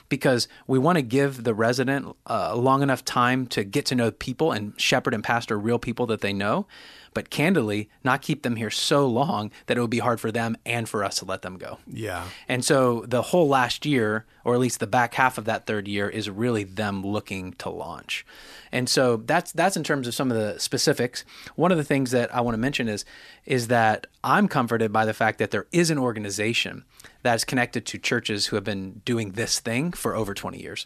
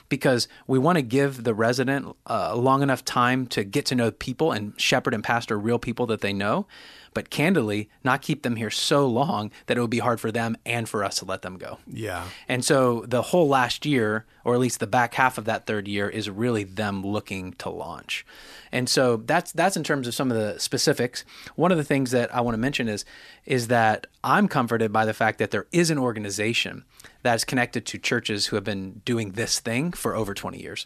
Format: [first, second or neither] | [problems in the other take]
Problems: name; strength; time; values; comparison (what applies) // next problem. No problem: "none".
neither | none